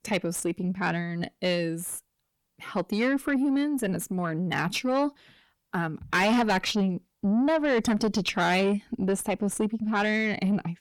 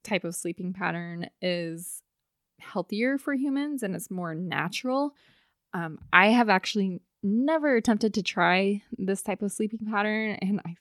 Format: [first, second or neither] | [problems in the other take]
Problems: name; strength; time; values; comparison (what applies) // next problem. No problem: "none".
second | distortion; heavy; 7 dB below the speech